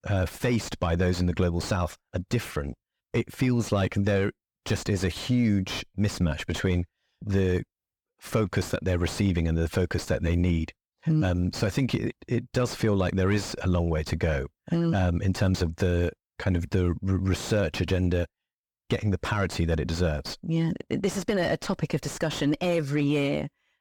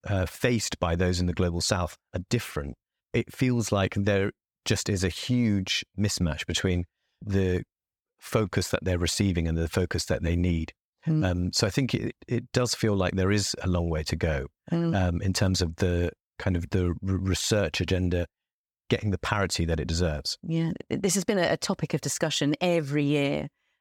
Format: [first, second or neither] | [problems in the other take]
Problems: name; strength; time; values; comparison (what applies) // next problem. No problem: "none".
second | distortion; slight; 10 dB below the speech